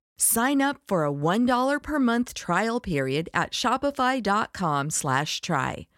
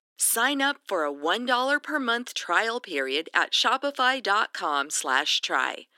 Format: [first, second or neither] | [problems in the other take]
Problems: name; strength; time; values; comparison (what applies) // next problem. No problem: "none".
first | thin; somewhat; fading below 300 Hz